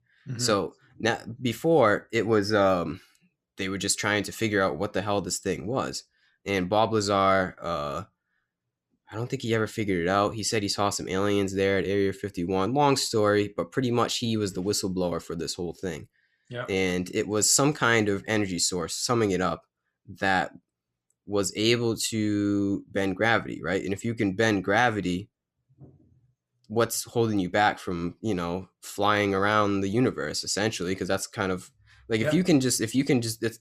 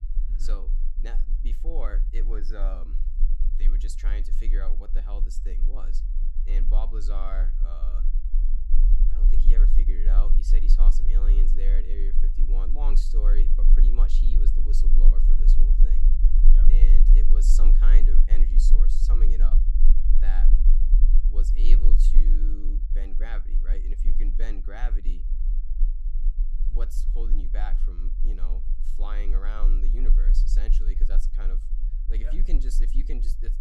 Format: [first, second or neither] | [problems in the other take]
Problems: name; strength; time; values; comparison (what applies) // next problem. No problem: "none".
first | low rumble; loud; throughout; 7 dB below the speech